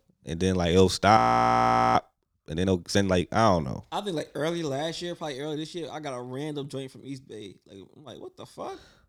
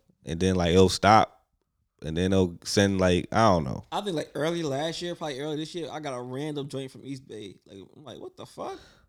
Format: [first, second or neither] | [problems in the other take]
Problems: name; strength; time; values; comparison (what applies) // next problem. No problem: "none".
second | audio freezing; at 1 s for 1 s